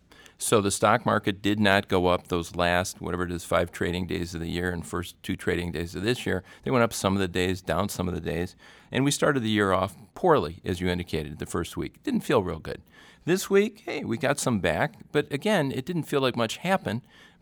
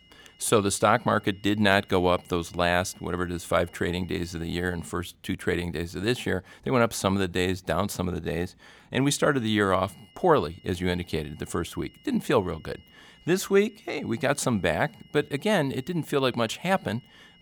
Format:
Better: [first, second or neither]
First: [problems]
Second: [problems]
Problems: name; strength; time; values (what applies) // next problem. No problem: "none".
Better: first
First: none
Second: high-pitched whine; faint; until 5 s and from 9 s on; 3 kHz, 30 dB below the speech